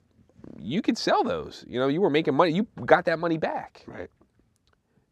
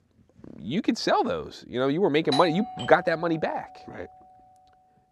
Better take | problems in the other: first | doorbell; noticeable; at 2.5 s; peak 5 dB below the speech

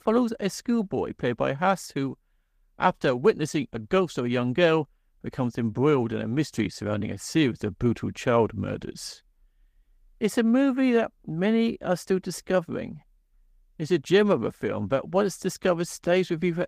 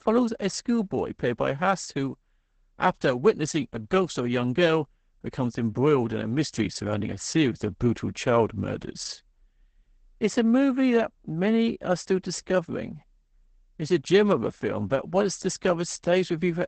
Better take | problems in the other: first | garbled, watery; badly; nothing above 8 kHz; slightly in the first

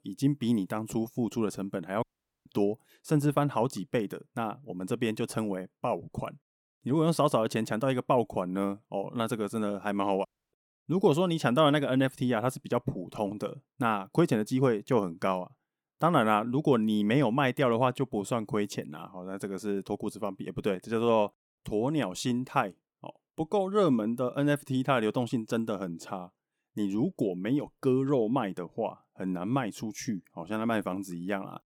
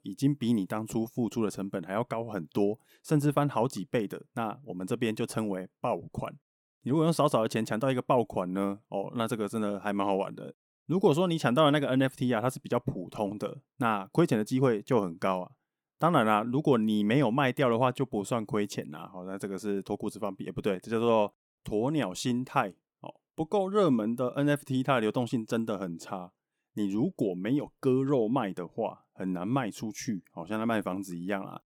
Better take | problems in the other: second | audio cutting out; at 2 s and at 10 s

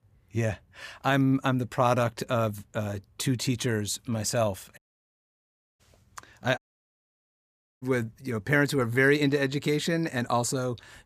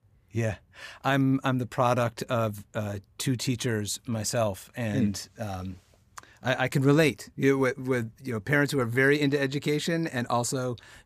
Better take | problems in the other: second | audio cutting out; at 5 s for 1 s and at 6.5 s for 1 s

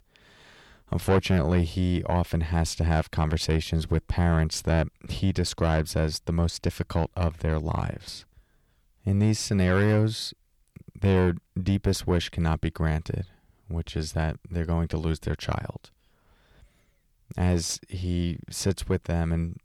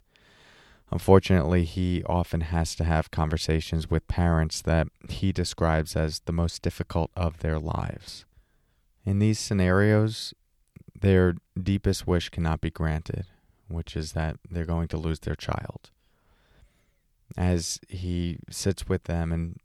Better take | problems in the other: second | distortion; slight; 10 dB below the speech

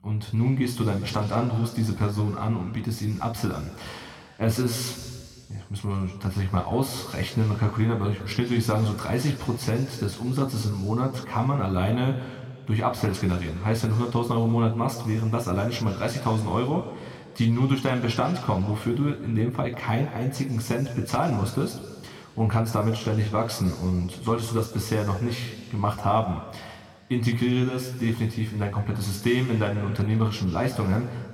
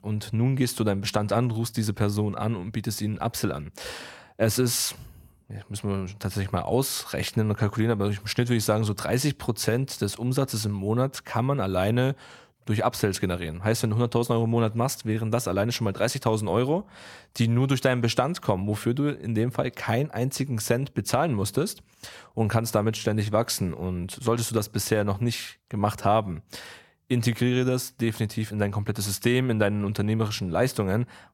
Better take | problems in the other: second | room echo; slight; dies away in 1.8 s

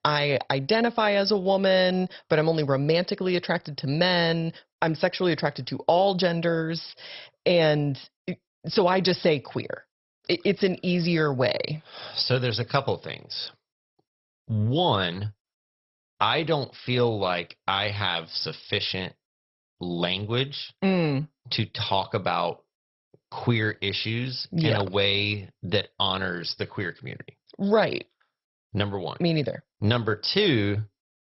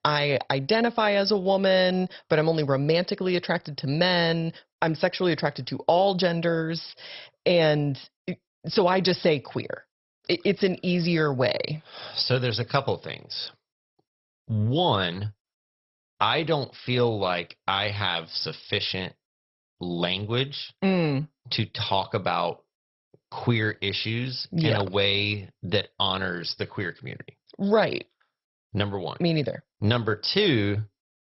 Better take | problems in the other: neither | garbled, watery; badly; nothing above 5.5 kHz; the same in both

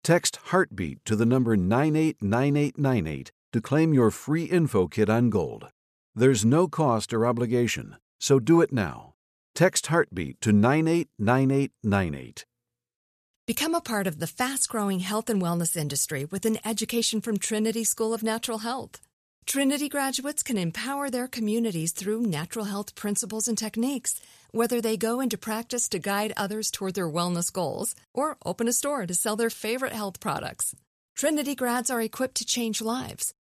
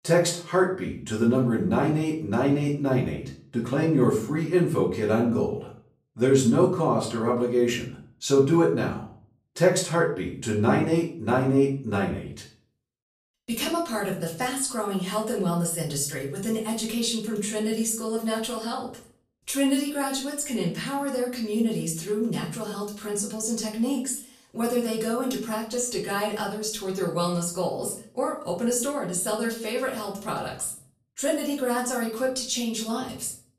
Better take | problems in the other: first | room echo; slight; dies away in 0.4 s // off-mic speech; far

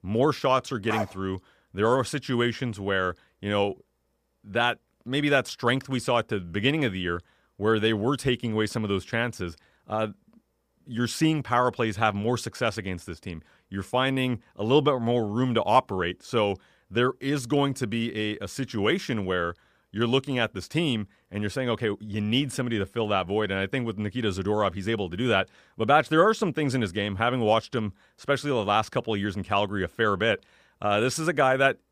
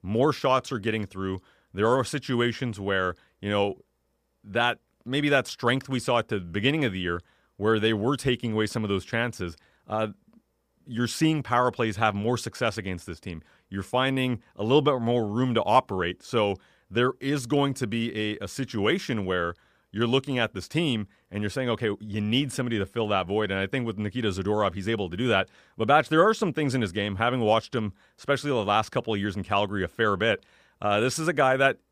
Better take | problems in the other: second | dog barking; noticeable; at 1 s; peak 6 dB below the speech

